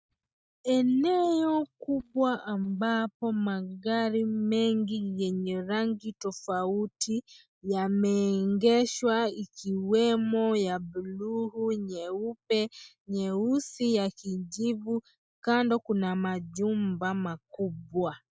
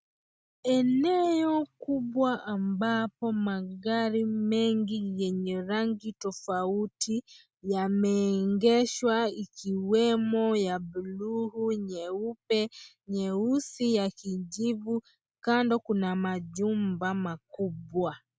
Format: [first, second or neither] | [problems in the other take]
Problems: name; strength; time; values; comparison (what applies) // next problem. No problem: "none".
second | noise reduction (neural mask model DeepFilterNet 3)